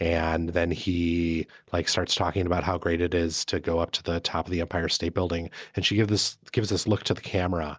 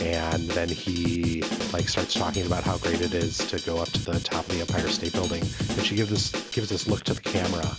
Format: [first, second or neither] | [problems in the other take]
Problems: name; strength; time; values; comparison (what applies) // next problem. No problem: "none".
first | background sound (Drum kit); 2 dB below the speech